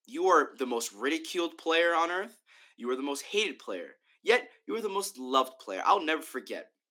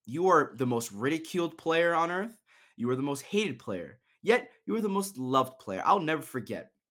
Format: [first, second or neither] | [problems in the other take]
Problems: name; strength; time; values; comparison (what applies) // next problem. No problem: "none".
second | thin; very slightly; fading below 250 Hz